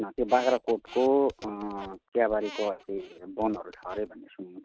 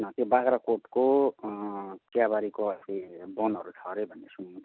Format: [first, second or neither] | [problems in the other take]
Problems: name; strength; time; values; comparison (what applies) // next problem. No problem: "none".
second | noise reduction (neural mask model RNNoise)